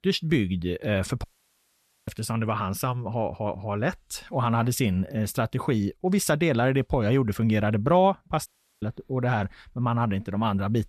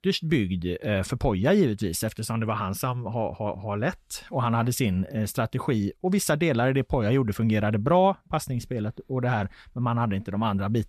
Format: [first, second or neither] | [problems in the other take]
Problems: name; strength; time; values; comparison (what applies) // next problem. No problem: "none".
second | audio cutting out; at 1 s for 1 s and at 8.5 s